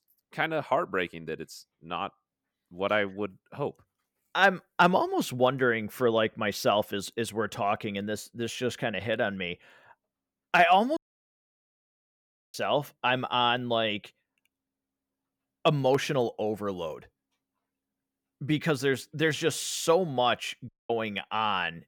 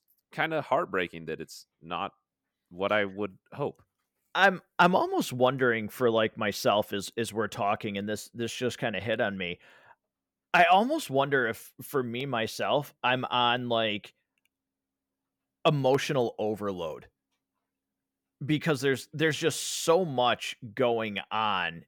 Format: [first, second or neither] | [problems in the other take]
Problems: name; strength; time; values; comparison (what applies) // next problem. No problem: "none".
second | audio cutting out; at 11 s for 1.5 s and at 21 s